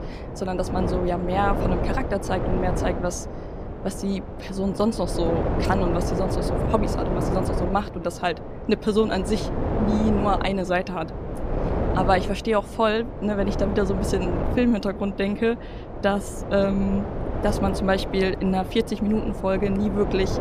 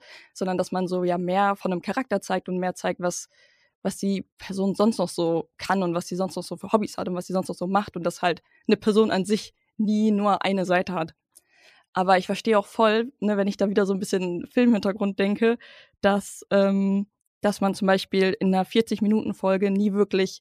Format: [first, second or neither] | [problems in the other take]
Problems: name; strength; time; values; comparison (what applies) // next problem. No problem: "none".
second | wind noise on the microphone; heavy; 5 dB below the speech